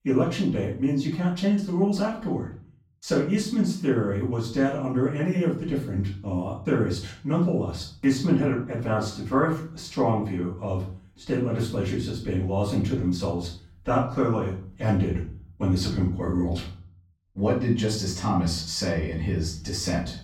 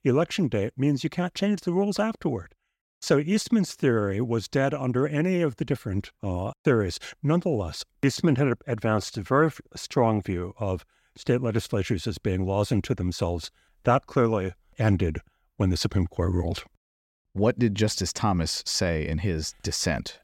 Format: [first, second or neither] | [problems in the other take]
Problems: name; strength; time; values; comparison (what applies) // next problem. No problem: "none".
second | off-mic speech; far // room echo; noticeable; dies away in 0.4 s